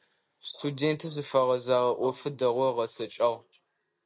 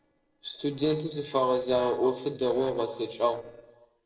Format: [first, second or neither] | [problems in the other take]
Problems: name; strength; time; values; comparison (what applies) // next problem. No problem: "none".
first | noise reduction (neural separator model SepFormer DNS4)